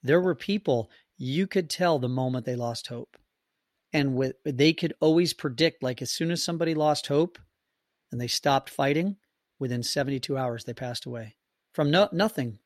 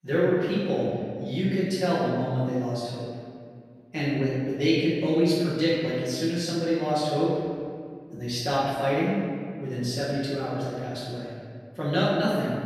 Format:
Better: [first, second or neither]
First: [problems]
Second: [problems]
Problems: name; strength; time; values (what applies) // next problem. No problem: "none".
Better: first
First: none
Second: room echo; strong; dies away in 1.9 s // off-mic speech; far